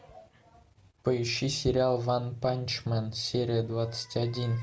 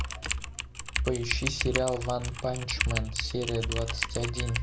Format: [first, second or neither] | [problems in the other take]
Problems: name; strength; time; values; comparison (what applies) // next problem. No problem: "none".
first | background sound (Typing); as loud as the speech